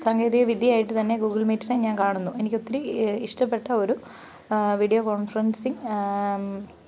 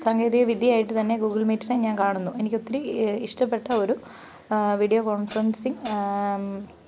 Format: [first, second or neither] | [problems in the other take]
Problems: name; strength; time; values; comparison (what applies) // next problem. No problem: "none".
first | background sound (Hi-hat); 20 dB below the speech